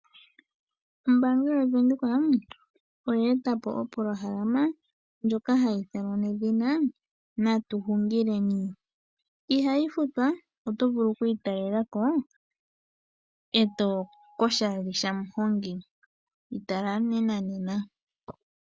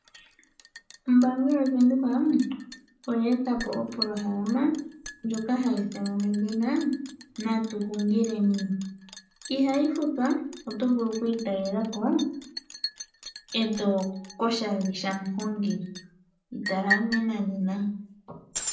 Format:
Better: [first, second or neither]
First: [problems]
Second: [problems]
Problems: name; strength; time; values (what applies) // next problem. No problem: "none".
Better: first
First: none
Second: background sound (Liquid); 13 dB below the speech // room echo; dies away in 0.6 s